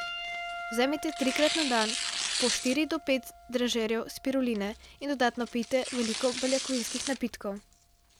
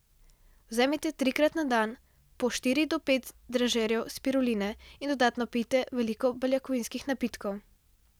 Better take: second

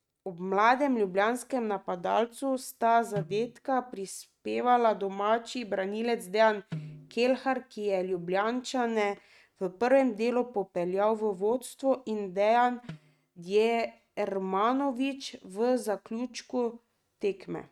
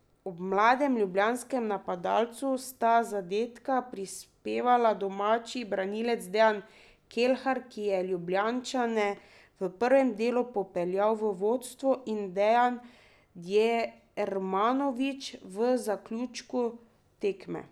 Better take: second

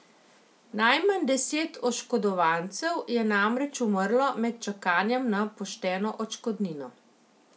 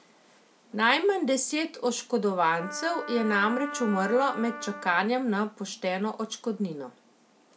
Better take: first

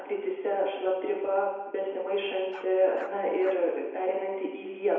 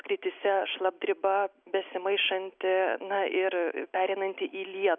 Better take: second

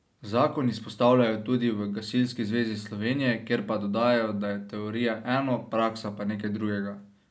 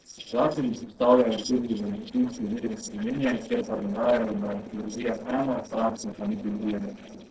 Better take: first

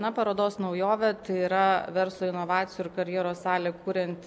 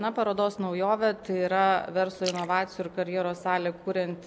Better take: first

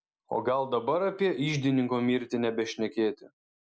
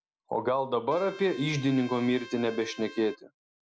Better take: first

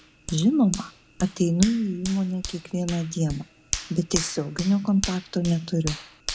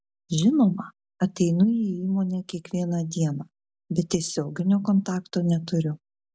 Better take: second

